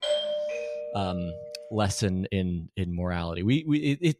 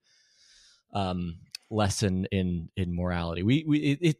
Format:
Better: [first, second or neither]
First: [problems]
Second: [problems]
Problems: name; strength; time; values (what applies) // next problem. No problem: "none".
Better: second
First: doorbell; loud; until 1.5 s; peak 1 dB above the speech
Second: none